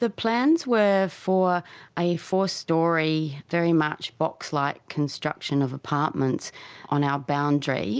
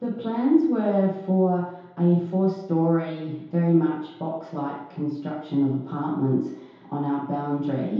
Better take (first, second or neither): first